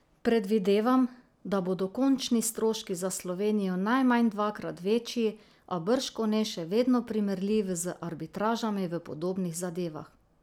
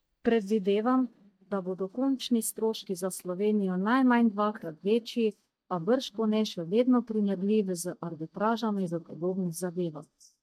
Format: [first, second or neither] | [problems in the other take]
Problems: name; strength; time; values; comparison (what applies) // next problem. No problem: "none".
first | noise reduction (neural mask model DeepFilterNet 3)